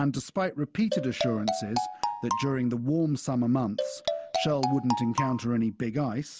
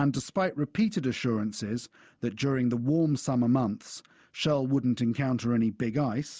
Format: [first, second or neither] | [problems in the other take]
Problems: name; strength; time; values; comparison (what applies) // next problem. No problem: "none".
second | background sound (Marimba, xylophone); 4 dB below the speech